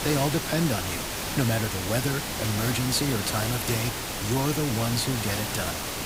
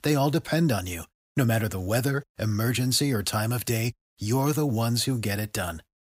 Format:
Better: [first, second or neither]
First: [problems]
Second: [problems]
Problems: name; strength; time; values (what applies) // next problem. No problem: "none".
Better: second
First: hiss; loud; throughout; 2 dB below the speech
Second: none